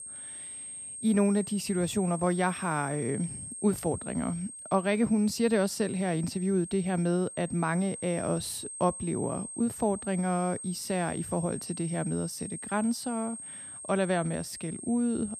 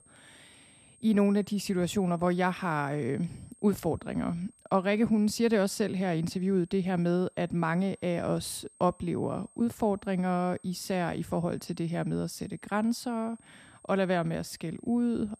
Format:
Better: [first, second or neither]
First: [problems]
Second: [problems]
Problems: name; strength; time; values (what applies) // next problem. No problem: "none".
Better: second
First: high-pitched whine; loud; throughout; 8.5 kHz, 9 dB below the speech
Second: high-pitched whine; faint; throughout; 8.5 kHz, 30 dB below the speech